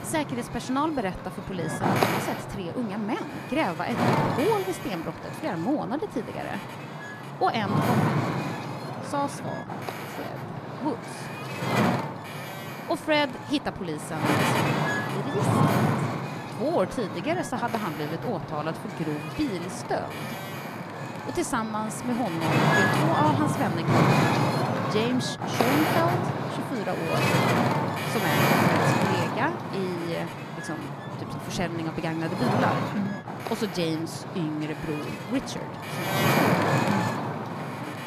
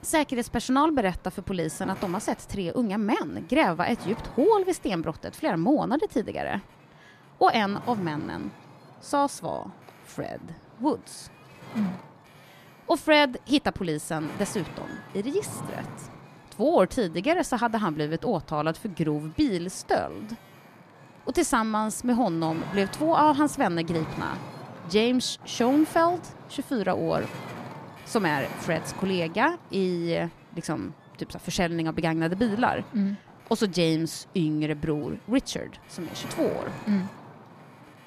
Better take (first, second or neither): second